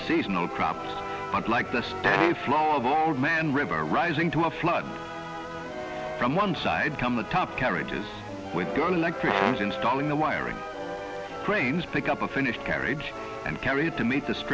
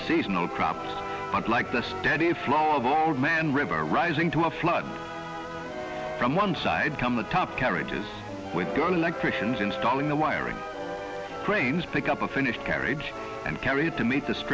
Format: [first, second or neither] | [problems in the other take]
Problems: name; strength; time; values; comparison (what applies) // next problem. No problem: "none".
second | background sound (Brass instrument); 3 dB below the speech